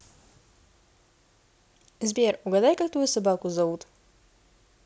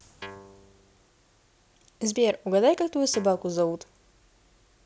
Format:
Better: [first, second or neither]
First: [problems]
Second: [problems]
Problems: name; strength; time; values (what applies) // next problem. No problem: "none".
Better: first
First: none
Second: background sound (Guitar); 18 dB below the speech